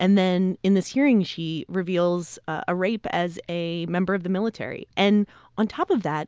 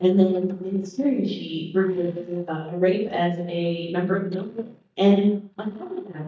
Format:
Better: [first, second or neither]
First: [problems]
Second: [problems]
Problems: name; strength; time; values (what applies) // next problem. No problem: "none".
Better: first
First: none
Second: noise reduction (neural mask model DeepFilterNet 3)